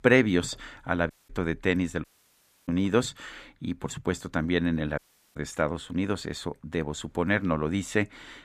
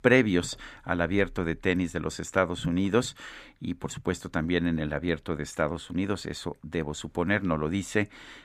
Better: second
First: audio cutting out; at 1 s, at 2 s for 0.5 s and at 5 s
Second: none

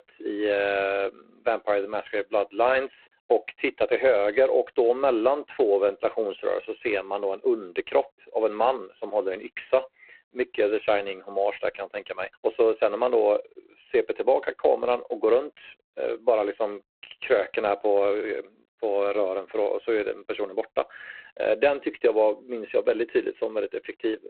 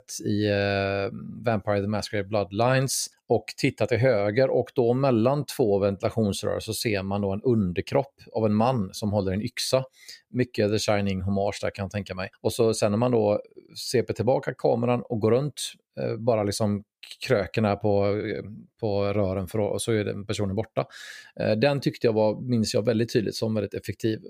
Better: second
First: phone-call audio; poor line; nothing above 4 kHz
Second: none

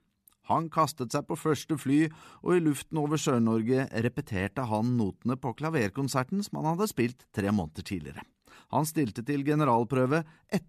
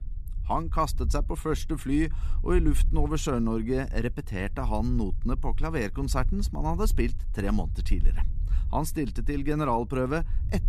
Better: first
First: none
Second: low rumble; faint; throughout; 20 dB below the speech

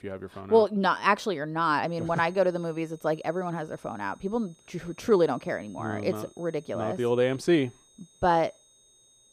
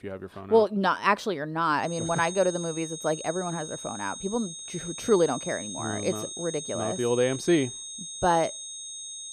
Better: first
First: high-pitched whine; faint; from 2 s on; 6.5 kHz, 30 dB below the speech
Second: high-pitched whine; loud; from 2 s on; 6.5 kHz, 9 dB below the speech

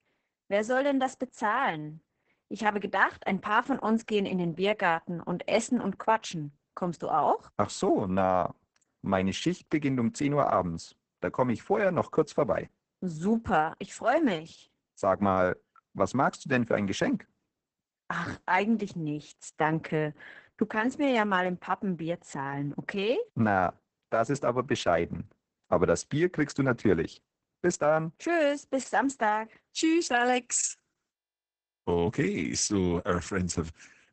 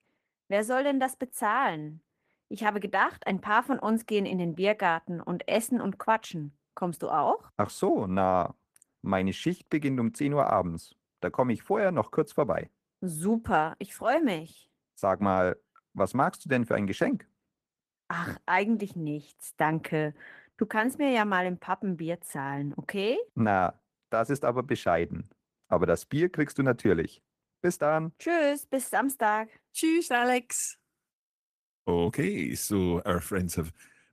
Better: second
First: garbled, watery; badly; nothing above 8 kHz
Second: garbled, watery; slightly; nothing above 14.5 kHz

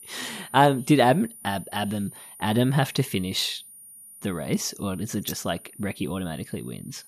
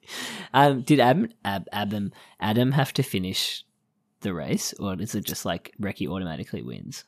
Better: second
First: high-pitched whine; noticeable; throughout; 9.5 kHz, 20 dB below the speech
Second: none

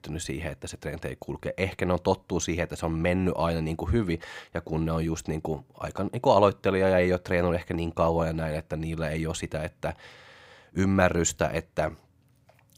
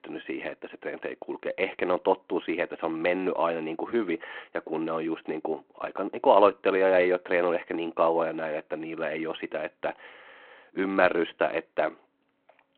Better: first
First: none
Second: phone-call audio; nothing above 4 kHz

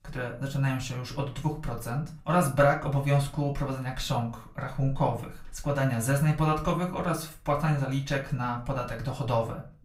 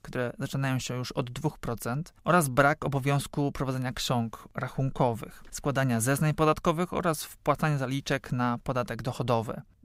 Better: second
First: off-mic speech; far // room echo; very slight; dies away in 0.3 s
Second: none

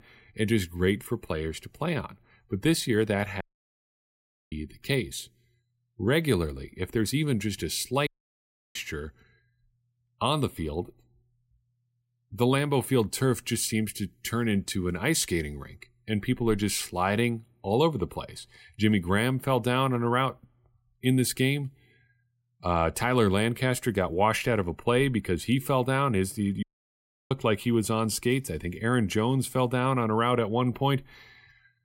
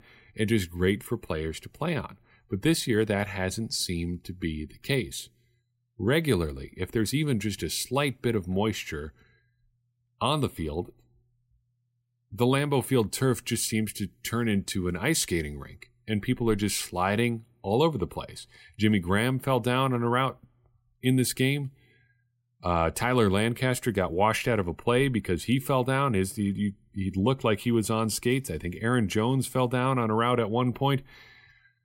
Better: second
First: audio cutting out; at 3.5 s for 1 s, at 8 s for 0.5 s and at 27 s for 0.5 s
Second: none

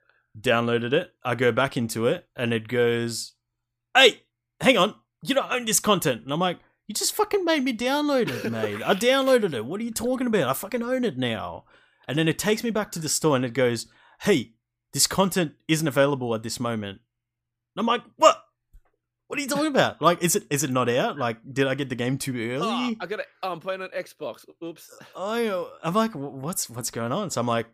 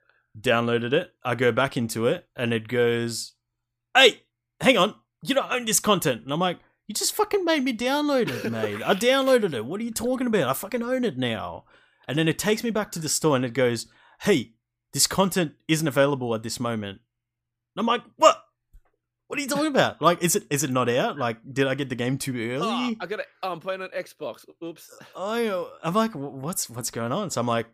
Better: neither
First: none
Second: none

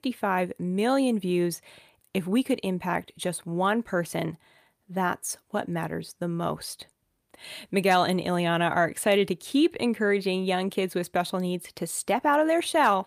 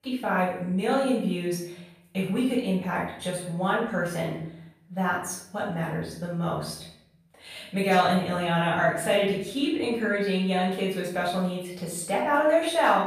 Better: first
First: none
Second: off-mic speech; far // room echo; noticeable; dies away in 0.6 s

